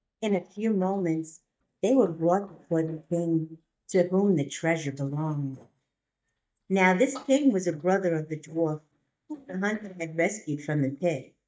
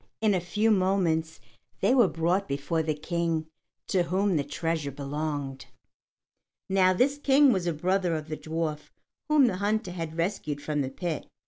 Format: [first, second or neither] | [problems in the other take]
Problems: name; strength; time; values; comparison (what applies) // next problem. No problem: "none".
second | noise reduction (neural mask model DeepFilterNet 3)